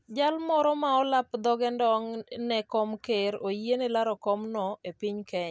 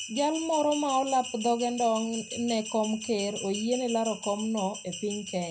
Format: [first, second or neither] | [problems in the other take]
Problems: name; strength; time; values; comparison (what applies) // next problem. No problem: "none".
first | background sound (Bell); 11 dB below the speech // room echo; dies away in 0.4 s